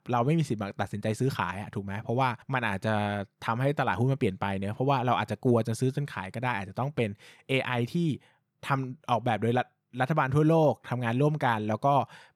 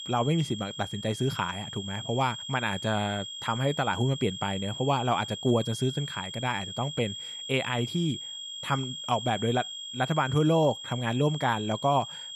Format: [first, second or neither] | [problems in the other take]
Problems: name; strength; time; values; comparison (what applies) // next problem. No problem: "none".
first | high-pitched whine; loud; throughout; 3.5 kHz, 8 dB below the speech